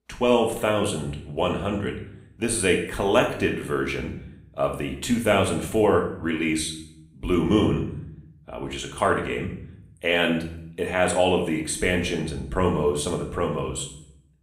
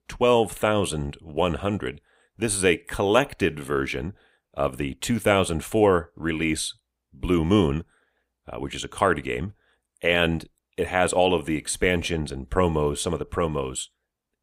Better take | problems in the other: second | room echo; slight; dies away in 0.6 s // off-mic speech; somewhat distant

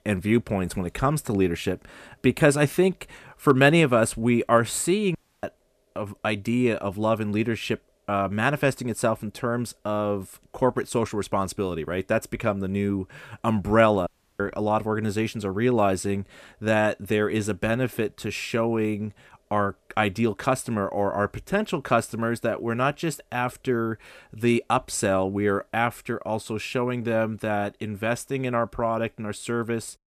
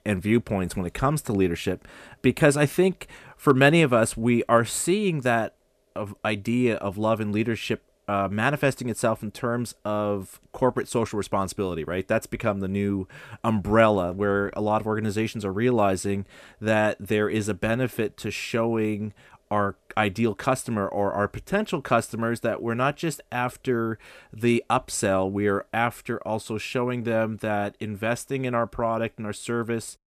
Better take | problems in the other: second | audio cutting out; at 5 s and at 14 s

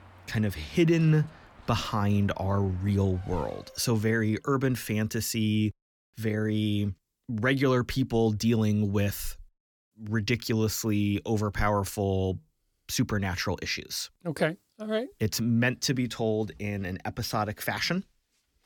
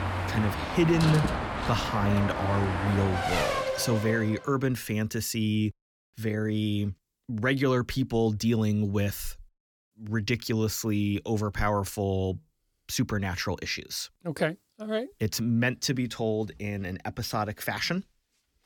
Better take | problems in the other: first | traffic noise; loud; until 4.5 s; 2 dB below the speech; faint in the first

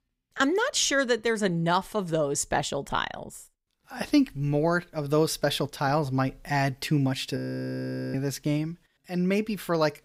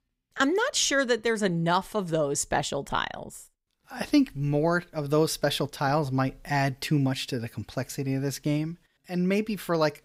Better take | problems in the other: second | audio freezing; at 7.5 s for 1 s

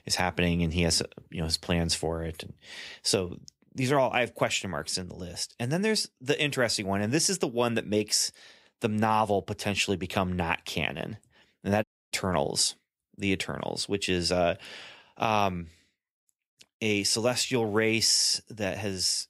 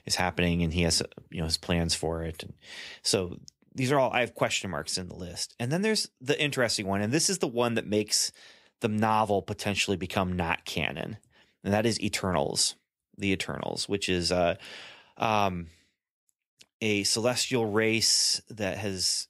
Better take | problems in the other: second | audio cutting out; at 12 s

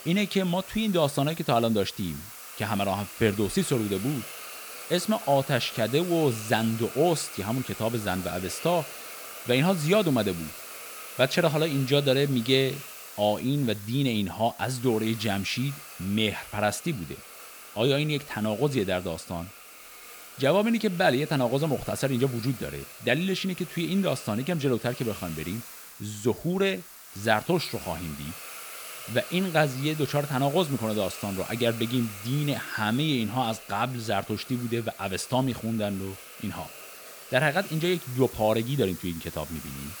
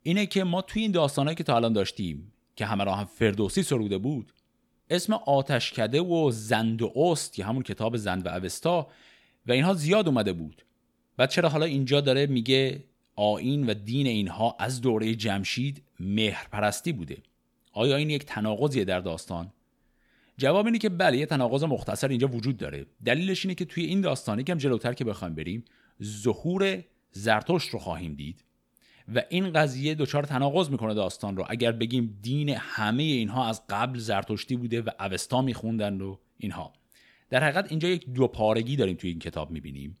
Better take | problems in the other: second | hiss; noticeable; throughout; 15 dB below the speech

